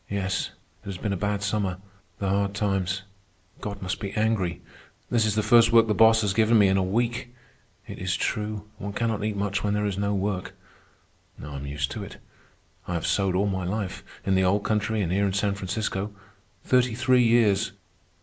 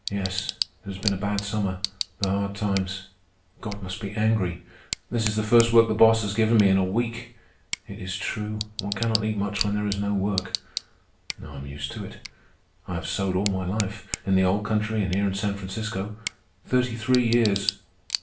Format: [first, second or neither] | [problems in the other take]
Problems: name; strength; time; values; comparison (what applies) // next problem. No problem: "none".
first | background sound (Tick / Bicycle); 11 dB below the speech // room echo; dies away in 0.3 s